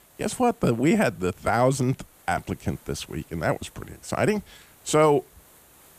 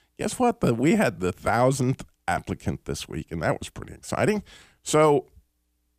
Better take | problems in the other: second | hiss; faint; throughout; 30 dB below the speech

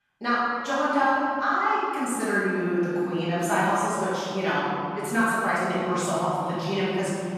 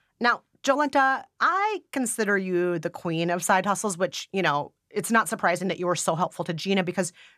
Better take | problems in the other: second | off-mic speech; far // room echo; strong; dies away in 2.6 s

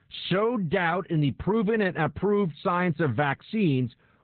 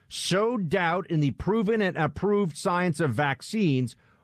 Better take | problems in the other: second | garbled, watery; badly; nothing above 4 kHz; slightly in the second

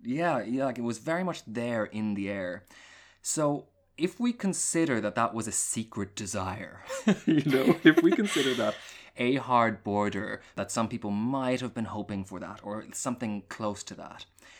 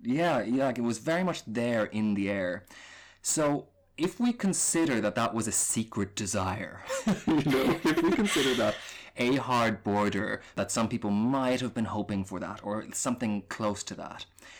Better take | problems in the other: first | distortion; heavy; 9% of the sound clipped

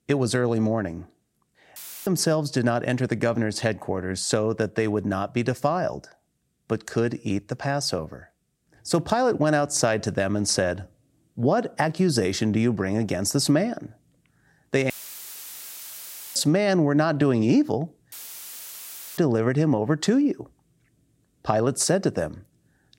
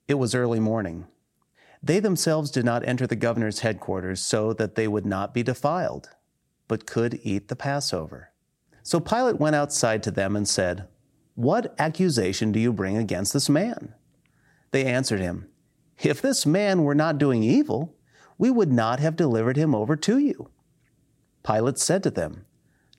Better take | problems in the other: second | audio cutting out; filled with static; at 2 s, at 15 s for 1.5 s and at 18 s for 1 s

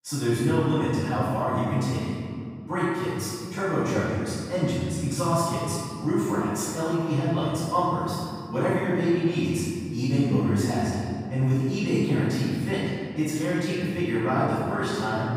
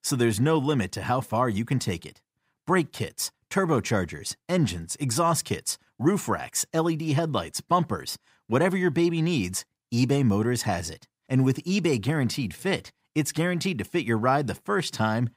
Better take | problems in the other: second | room echo; strong; dies away in 2.2 s // off-mic speech; far

